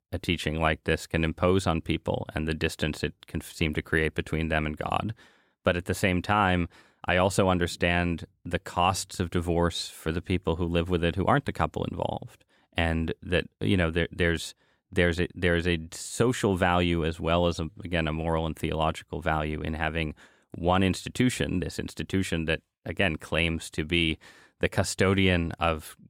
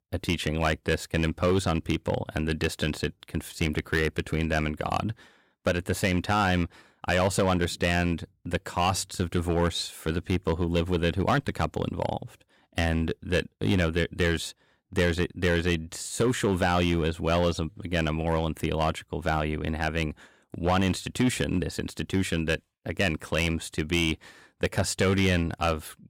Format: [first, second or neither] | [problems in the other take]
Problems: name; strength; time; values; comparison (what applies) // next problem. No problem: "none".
first | distortion; slight; 5% of the sound clipped